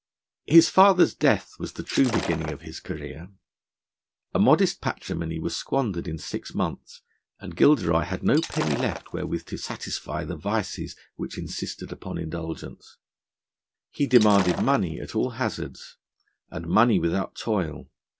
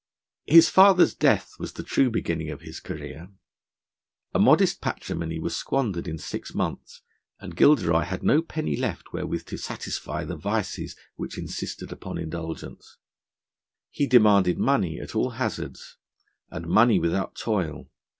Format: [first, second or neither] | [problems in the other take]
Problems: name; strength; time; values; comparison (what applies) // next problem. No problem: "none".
second | background sound (Shatter); 10 dB below the speech